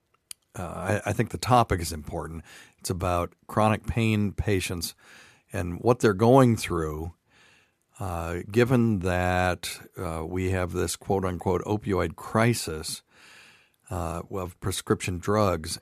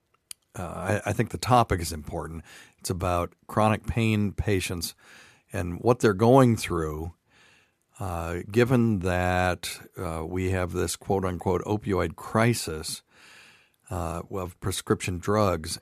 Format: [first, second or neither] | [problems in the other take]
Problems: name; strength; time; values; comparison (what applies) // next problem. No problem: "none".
neither | none